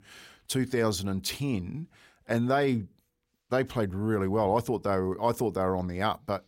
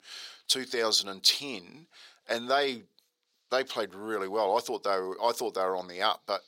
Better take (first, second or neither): first